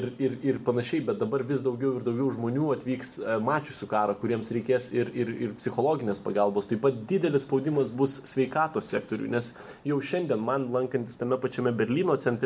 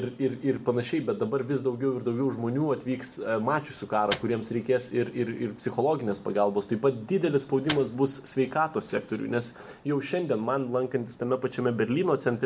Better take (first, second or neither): first